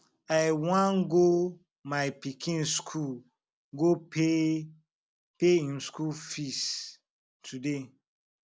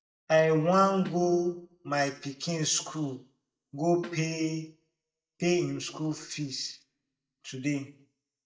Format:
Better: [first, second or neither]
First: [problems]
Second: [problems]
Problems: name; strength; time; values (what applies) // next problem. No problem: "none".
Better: first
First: none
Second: noise reduction (neural mask model DeepFilterNet 3)